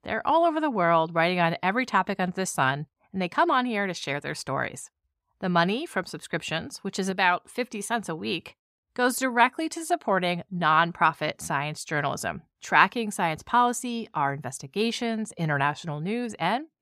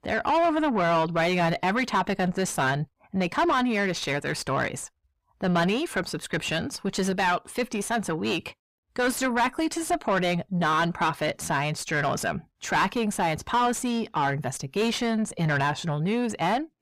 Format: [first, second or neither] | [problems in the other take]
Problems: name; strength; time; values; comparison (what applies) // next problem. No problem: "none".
first | distortion; heavy; 6 dB below the speech